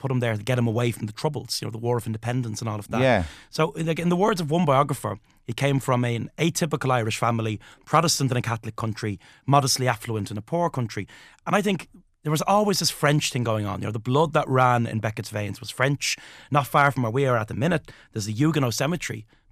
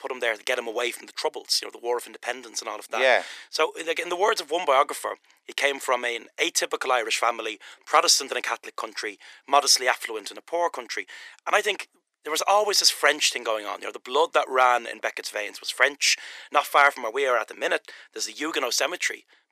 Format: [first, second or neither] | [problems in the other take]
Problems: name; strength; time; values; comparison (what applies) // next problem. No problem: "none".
first | thin; very; fading below 400 Hz